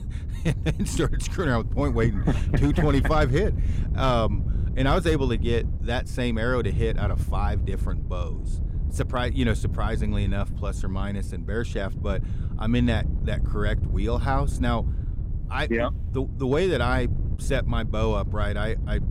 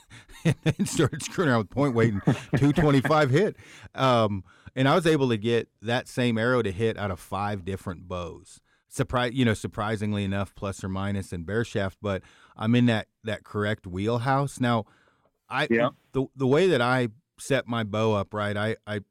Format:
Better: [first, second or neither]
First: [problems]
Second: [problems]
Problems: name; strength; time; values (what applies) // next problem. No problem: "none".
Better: second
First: wind noise on the microphone; occasional gusts; 15 dB below the speech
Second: none